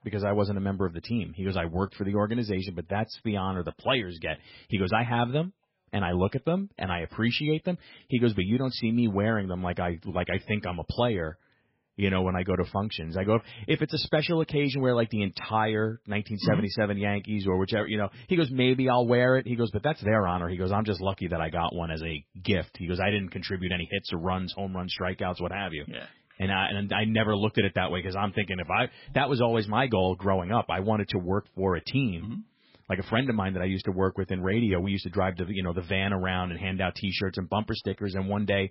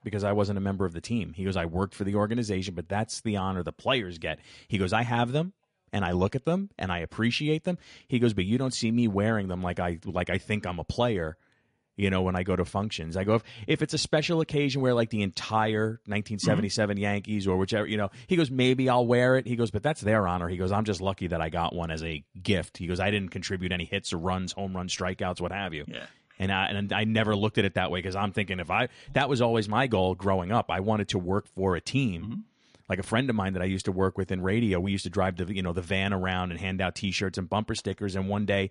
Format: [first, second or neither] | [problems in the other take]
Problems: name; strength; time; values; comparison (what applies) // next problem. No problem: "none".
second | garbled, watery; badly; nothing above 5.5 kHz; slightly in the second